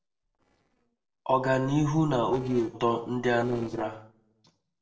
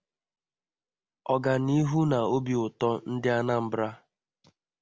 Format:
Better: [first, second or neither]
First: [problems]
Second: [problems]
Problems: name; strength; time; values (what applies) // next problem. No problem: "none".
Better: second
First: noise reduction (neural separator model SepFormer DNS4)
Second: none